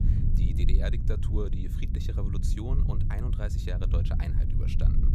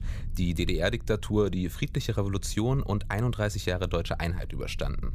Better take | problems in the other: second | low rumble; loud; throughout; 2 dB below the speech; faint in the second

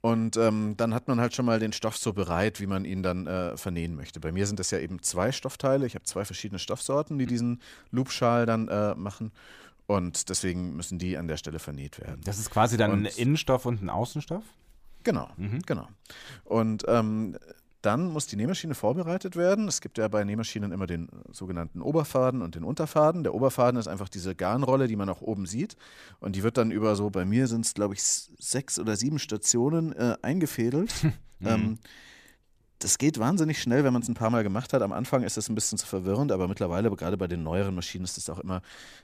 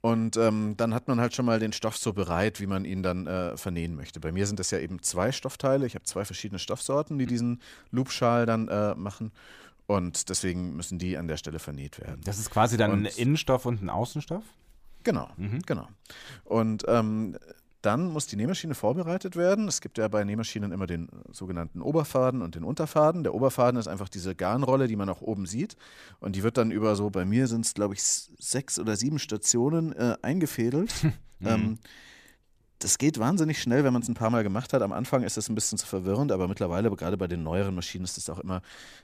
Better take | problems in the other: neither | none

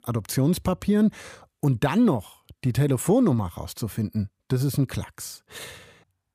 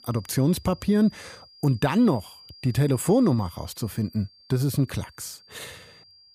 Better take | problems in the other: first | high-pitched whine; faint; throughout; 5 kHz, 25 dB below the speech

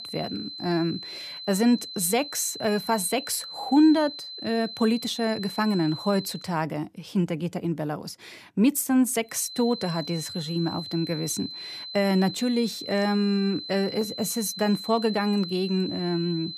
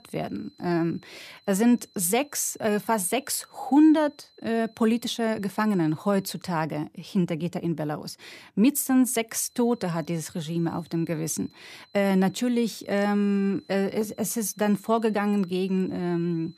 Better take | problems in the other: second | high-pitched whine; loud; until 6.5 s and from 9.5 s on; 4 kHz, 10 dB below the speech; faint in the second

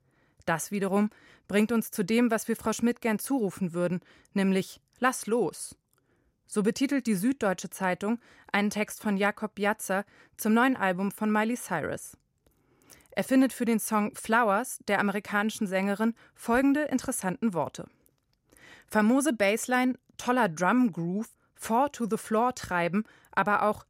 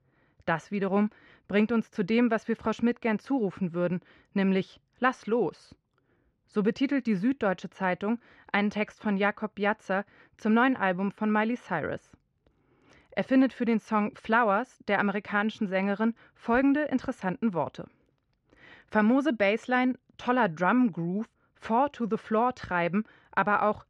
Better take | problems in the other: first | muffled; slightly; fading above 3.5 kHz

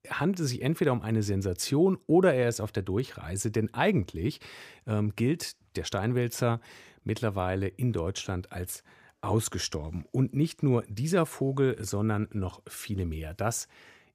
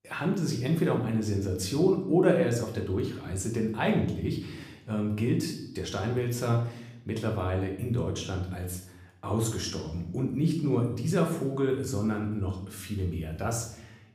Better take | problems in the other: first | room echo; slight; dies away in 0.7 s // off-mic speech; somewhat distant

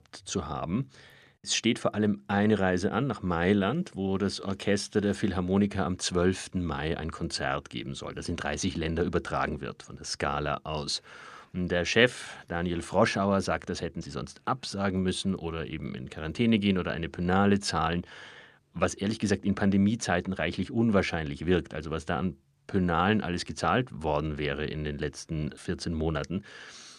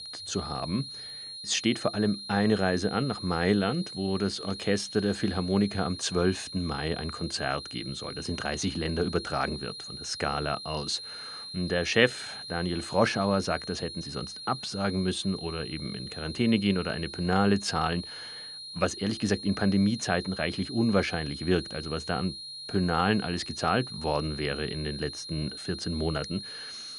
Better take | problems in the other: first | high-pitched whine; loud; throughout; 4 kHz, 9 dB below the speech

